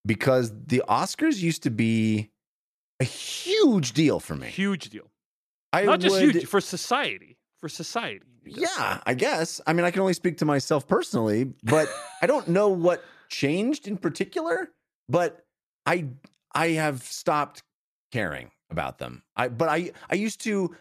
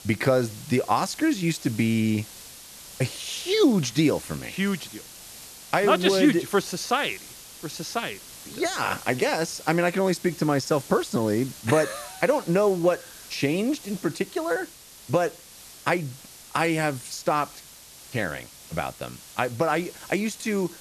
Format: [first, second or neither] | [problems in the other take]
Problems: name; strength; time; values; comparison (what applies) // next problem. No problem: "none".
first | hiss; noticeable; throughout; 15 dB below the speech